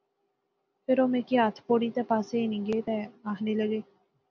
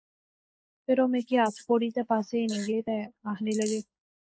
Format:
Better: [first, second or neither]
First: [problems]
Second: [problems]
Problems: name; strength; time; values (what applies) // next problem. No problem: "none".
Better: first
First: none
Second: noise reduction (neural mask model Resemble Enhance denoiser)